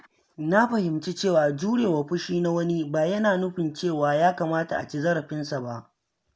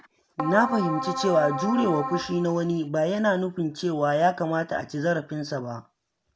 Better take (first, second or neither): first